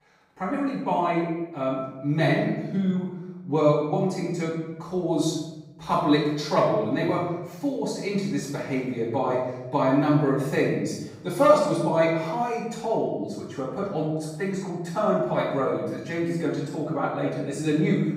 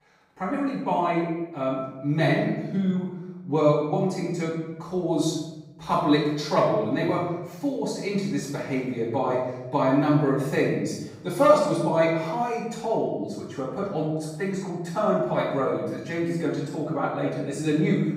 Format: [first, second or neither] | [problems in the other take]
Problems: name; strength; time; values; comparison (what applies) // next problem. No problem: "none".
neither | off-mic speech; far; the same in both // room echo; noticeable; dies away in 1.1 s; the same in both